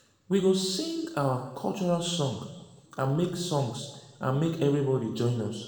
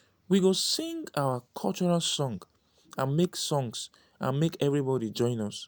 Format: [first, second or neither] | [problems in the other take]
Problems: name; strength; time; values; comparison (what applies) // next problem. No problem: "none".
second | room echo; dies away in 1.1 s